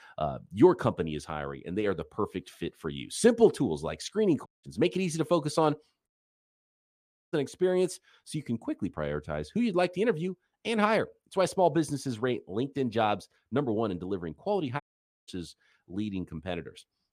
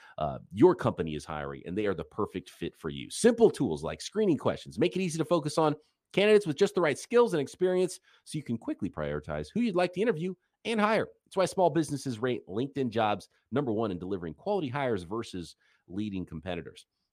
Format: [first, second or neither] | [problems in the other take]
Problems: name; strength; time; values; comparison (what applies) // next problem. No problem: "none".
second | audio cutting out; at 4.5 s, at 6 s for 1 s and at 15 s